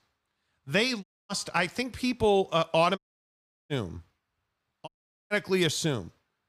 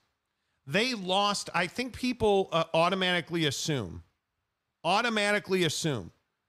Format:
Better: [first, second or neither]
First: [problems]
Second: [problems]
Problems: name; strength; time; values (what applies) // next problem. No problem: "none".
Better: second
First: audio cutting out; at 1 s, at 3 s for 0.5 s and at 5 s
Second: none